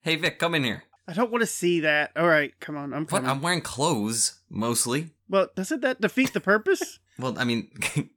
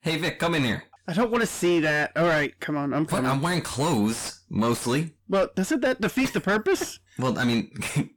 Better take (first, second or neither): first